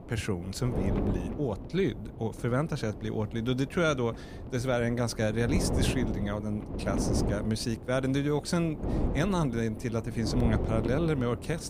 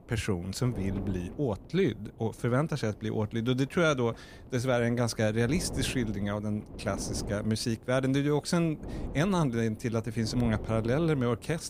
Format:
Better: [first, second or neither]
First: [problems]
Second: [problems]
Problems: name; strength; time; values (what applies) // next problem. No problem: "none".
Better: second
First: wind noise on the microphone; heavy; 7 dB below the speech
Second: wind noise on the microphone; occasional gusts; 15 dB below the speech